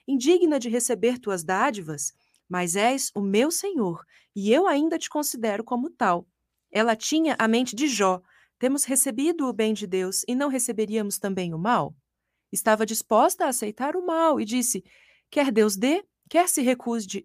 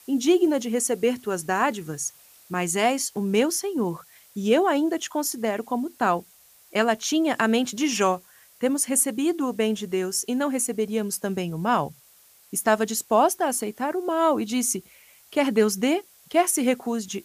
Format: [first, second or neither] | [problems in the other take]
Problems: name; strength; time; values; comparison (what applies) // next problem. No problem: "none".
first | hiss; faint; throughout; 25 dB below the speech